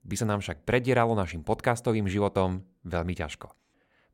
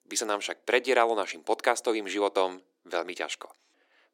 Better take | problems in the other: first | thin; very; fading below 300 Hz

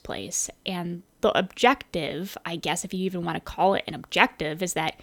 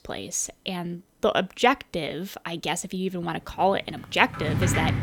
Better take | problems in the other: first | household noises; loud; from 3.5 s on; 1 dB below the speech

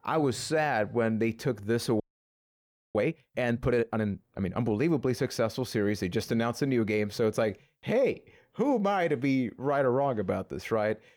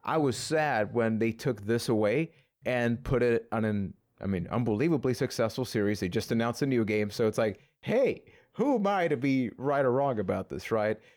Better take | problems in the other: second | audio freezing; at 2 s for 1 s

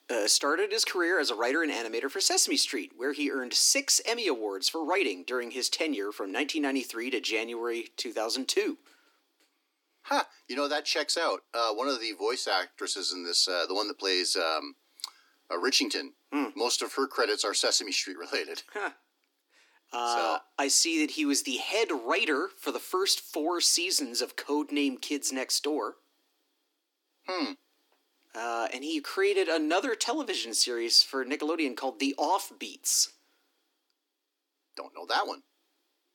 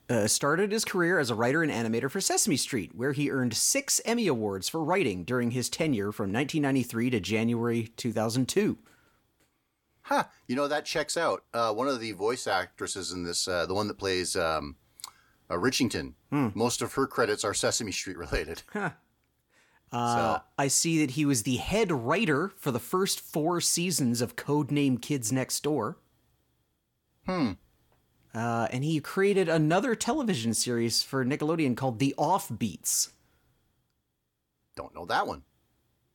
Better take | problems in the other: second | thin; very slightly; fading below 300 Hz

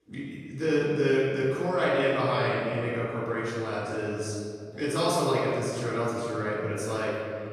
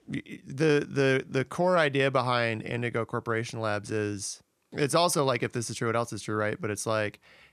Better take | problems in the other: second | off-mic speech; far // room echo; strong; dies away in 2.1 s

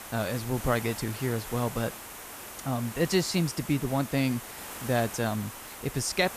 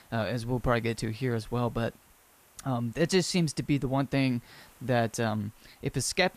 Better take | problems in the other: second | hiss; loud; throughout; 10 dB below the speech; faint in the second

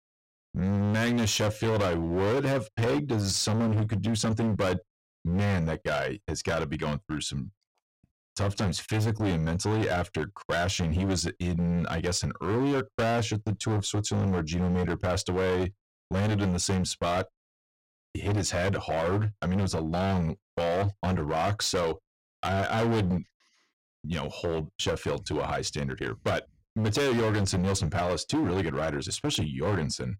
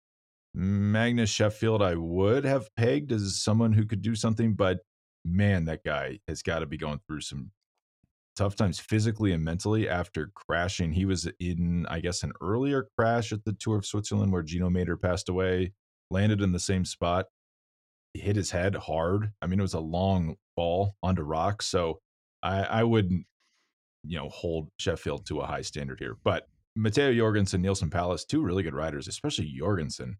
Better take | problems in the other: second | distortion; heavy; 20% of the sound clipped

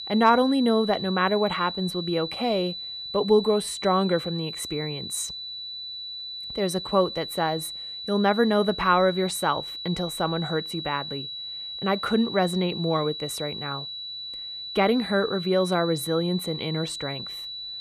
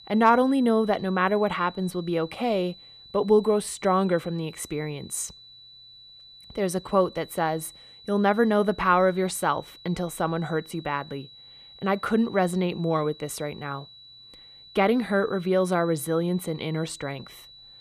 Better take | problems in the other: second | high-pitched whine; loud; throughout; 4 kHz, 8 dB below the speech; faint in the second

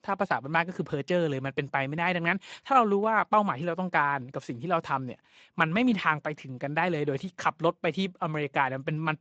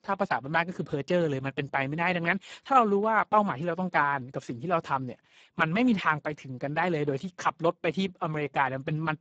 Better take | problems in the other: first | garbled, watery; badly; nothing above 7.5 kHz; slightly in the first

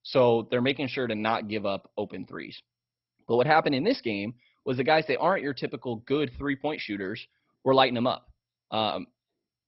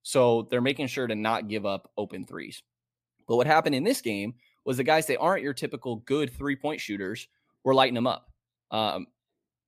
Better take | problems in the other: second | garbled, watery; badly; nothing above 5.5 kHz

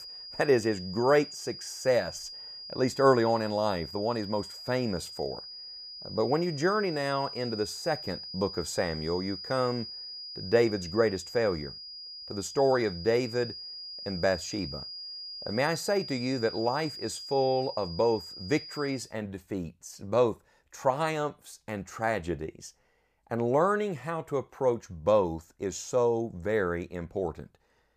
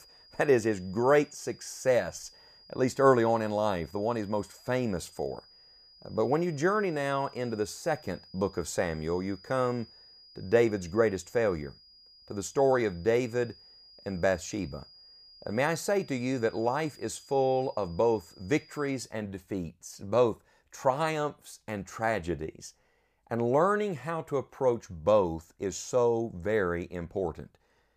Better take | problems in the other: second | high-pitched whine; loud; until 19 s; 5 kHz, 10 dB below the speech; faint in the second

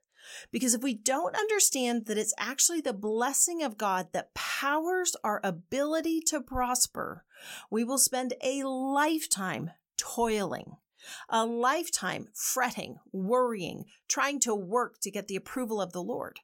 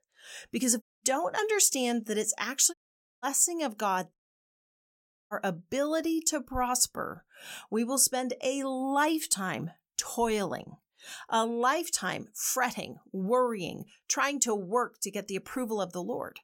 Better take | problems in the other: first | audio cutting out; at 1 s, at 2.5 s and at 4 s for 1 s

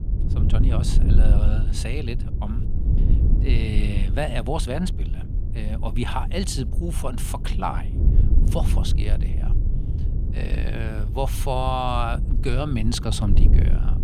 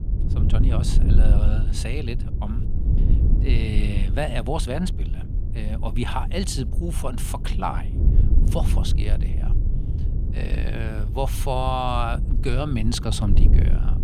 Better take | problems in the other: neither | wind noise on the microphone; heavy; 9 dB below the speech; the same in both

